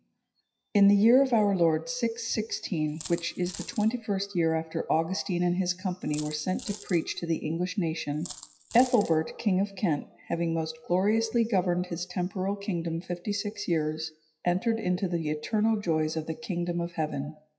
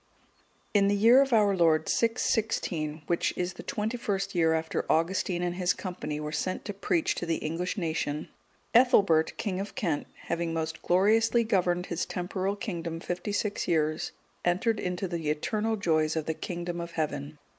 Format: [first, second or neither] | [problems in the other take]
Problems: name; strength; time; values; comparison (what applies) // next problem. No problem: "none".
second | noise reduction (classical method WPE with log-MMSE)